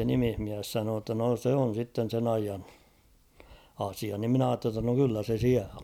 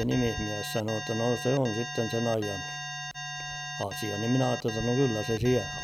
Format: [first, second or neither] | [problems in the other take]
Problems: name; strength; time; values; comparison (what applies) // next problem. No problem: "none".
first | background sound (Alarm); 8 dB below the speech